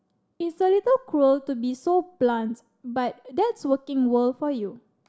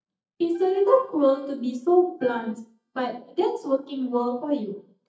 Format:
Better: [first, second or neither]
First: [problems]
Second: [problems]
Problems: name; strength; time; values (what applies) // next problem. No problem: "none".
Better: first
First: none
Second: noise reduction (neural mask model DeepFilterNet 3)